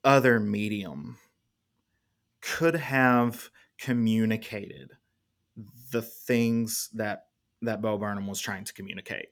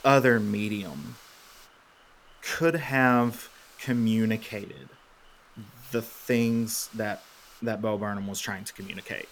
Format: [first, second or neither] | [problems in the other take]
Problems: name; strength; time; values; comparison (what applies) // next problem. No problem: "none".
first | hiss; faint; throughout; 25 dB below the speech